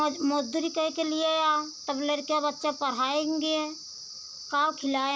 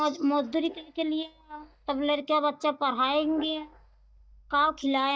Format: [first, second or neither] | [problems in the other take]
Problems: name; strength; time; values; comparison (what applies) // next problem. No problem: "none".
first | noise reduction (neural mask model DeepFilterNet 3)